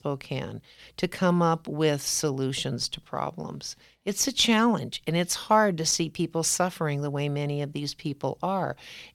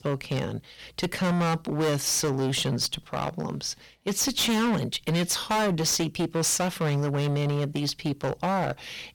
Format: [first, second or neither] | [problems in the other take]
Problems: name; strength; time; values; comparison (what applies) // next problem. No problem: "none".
first | distortion; heavy; 19% of the sound clipped